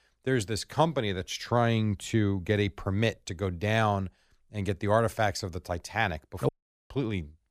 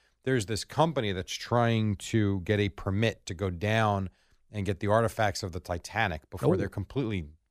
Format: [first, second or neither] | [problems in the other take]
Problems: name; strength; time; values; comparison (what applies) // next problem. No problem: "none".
second | audio cutting out; at 6.5 s